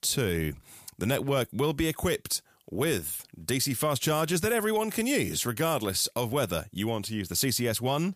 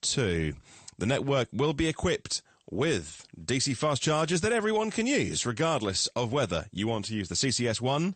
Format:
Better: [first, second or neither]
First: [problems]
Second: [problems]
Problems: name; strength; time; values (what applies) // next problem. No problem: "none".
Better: first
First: none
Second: garbled, watery; slightly; nothing above 8.5 kHz